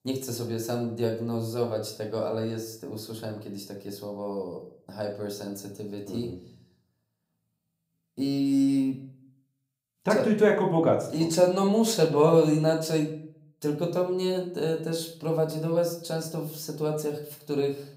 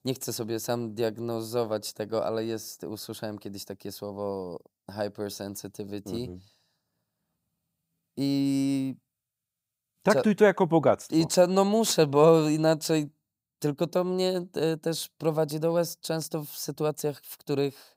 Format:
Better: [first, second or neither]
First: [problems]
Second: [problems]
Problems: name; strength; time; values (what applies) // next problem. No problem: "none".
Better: second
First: room echo; slight; dies away in 0.5 s // off-mic speech; somewhat distant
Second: none